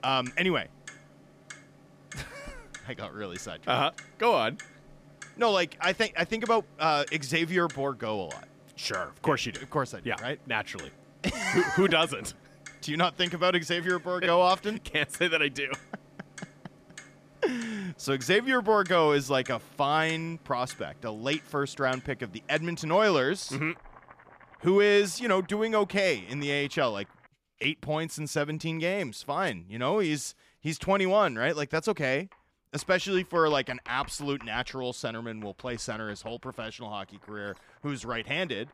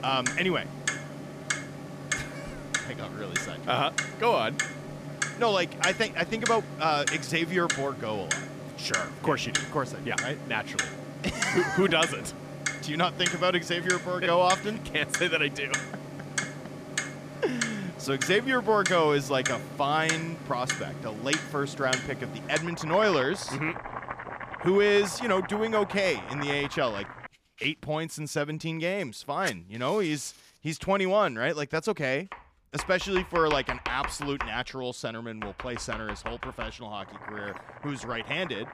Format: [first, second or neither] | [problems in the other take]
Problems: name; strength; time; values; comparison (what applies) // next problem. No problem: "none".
first | household noises; loud; throughout; 6 dB below the speech; faint in the first